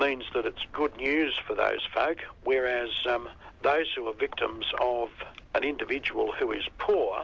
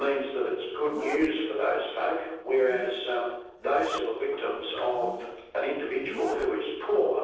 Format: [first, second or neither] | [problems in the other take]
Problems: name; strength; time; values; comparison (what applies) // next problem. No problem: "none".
first | noise reduction (neural separator model SepFormer DNS4)